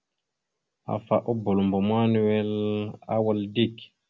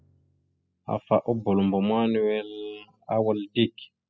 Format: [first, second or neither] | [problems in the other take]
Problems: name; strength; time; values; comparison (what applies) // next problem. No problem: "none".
first | noise reduction (classical method spectral subtraction)